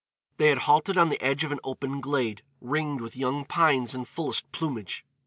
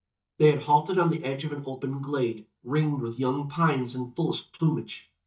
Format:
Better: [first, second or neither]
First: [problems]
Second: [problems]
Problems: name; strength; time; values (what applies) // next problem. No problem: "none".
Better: first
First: none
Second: noise reduction (neural mask model DeepFilterNet 3)